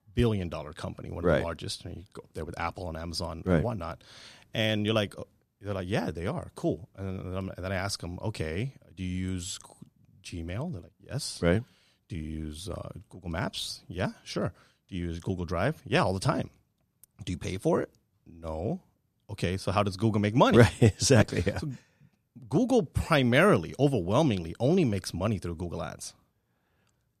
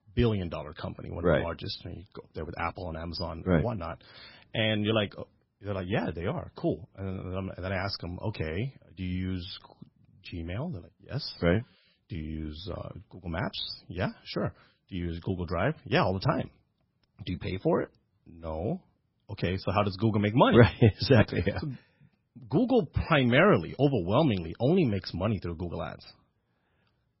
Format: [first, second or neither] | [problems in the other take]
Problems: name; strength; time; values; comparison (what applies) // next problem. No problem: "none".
first | garbled, watery; badly; nothing above 5.5 kHz